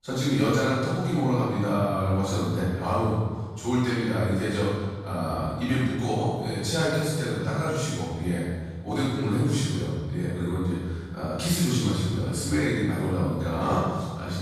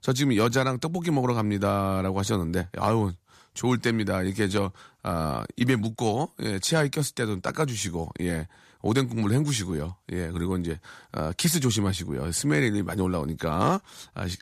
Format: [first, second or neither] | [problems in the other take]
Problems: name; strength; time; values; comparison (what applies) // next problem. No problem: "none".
second | off-mic speech; far // room echo; strong; dies away in 1.7 s